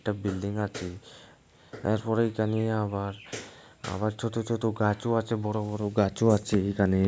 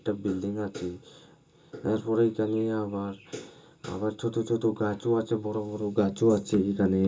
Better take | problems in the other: first | room echo; dies away in 0.2 s

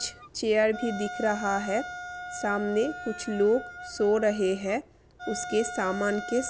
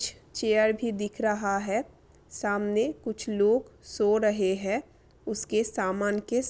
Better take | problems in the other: second | background sound (Wind instrument, woodwind instrument); 11 dB below the speech

